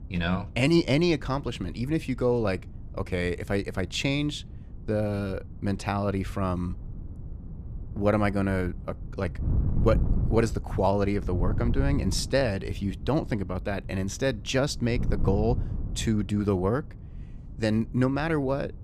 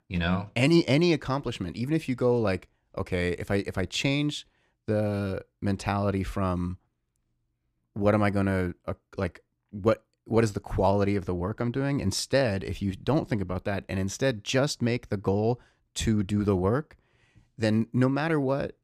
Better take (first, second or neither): second